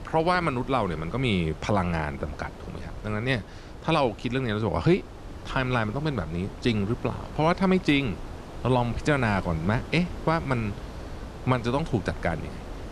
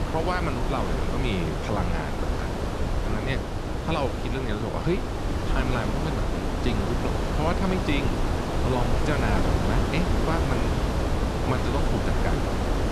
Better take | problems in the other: first | wind noise on the microphone; heavy; 1 dB above the speech; occasional gusts in the first

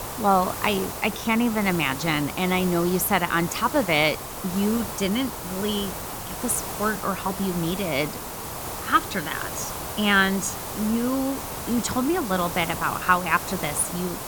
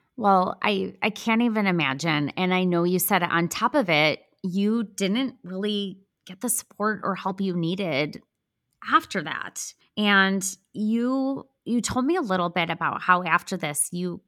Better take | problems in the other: second | hiss; loud; throughout; 7 dB below the speech

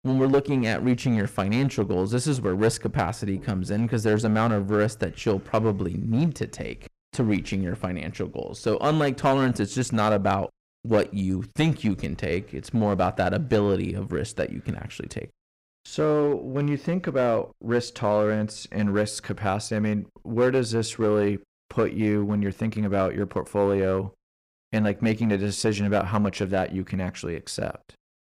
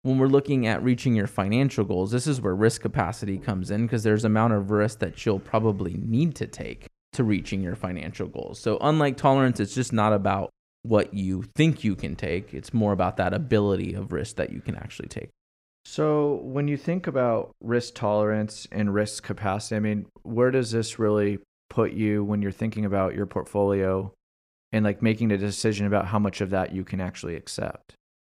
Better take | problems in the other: second | distortion; slight; 4% of the sound clipped

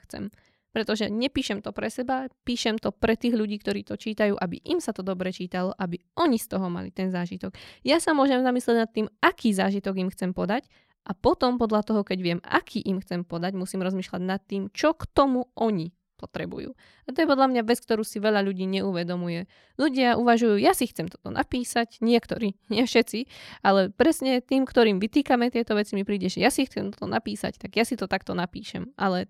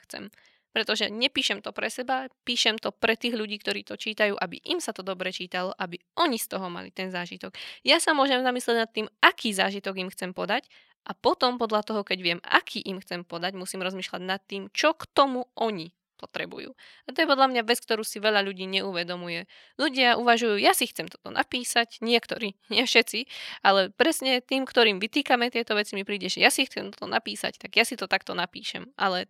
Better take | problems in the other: first | thin; somewhat; fading below 750 Hz

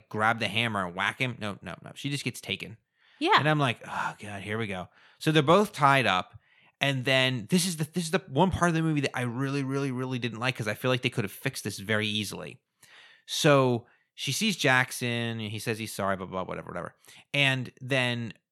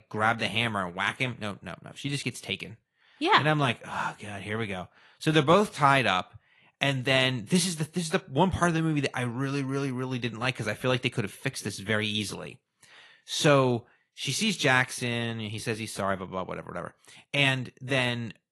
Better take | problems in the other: first | garbled, watery; slightly; nothing above 11.5 kHz

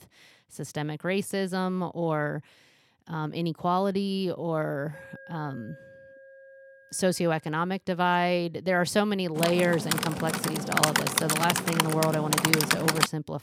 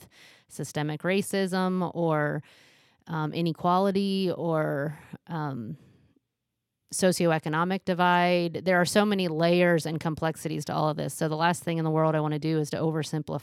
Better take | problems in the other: second | alarm; faint; from 5 to 7.5 s; peak 20 dB below the speech // keyboard typing; loud; from 9.5 s on; peak 5 dB above the speech

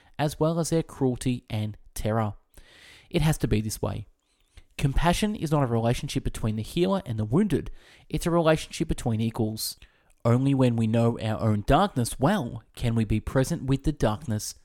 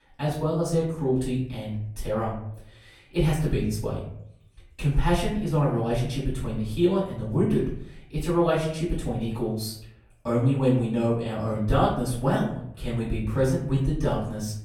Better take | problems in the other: first | off-mic speech; far // room echo; noticeable; dies away in 0.6 s

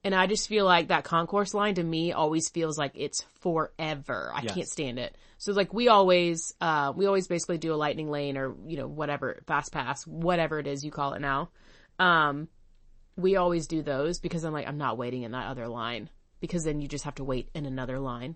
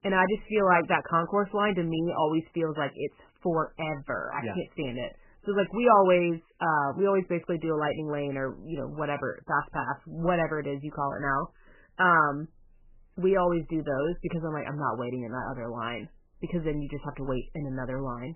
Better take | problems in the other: first | garbled, watery; badly; nothing above 3 kHz; slightly in the first

